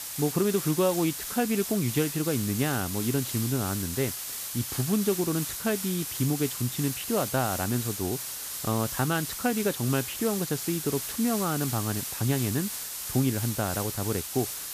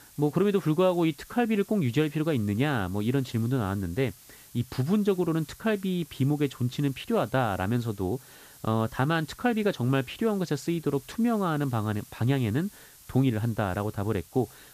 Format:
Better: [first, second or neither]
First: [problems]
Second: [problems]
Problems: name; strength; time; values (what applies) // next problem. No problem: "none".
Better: second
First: hiss; loud; throughout; 4 dB below the speech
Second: hiss; faint; throughout; 20 dB below the speech